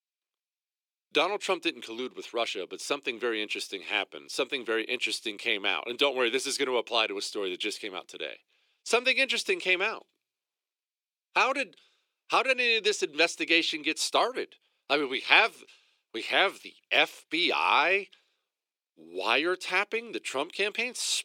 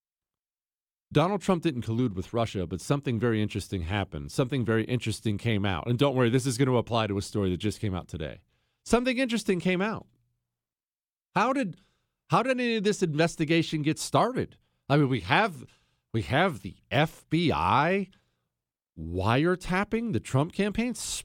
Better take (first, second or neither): second